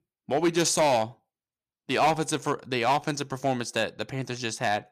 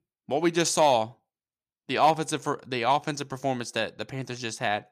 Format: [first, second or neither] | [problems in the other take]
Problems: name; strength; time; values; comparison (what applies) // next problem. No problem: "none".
second | distortion; slight; 4% of the sound clipped